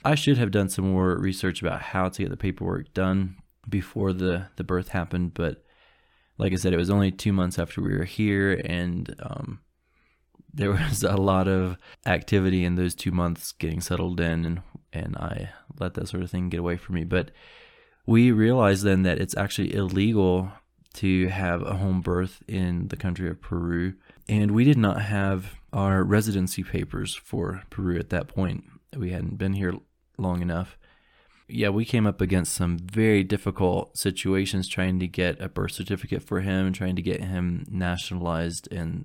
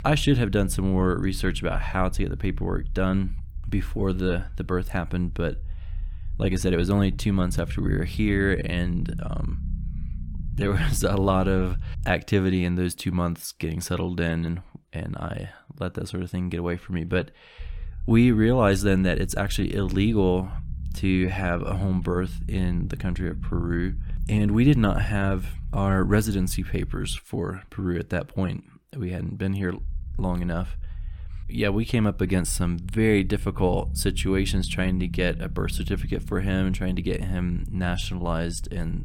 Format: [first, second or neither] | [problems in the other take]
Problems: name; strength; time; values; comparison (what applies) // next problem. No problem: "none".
first | low rumble; faint; until 12 s, from 18 to 27 s and from 30 s on; 20 dB below the speech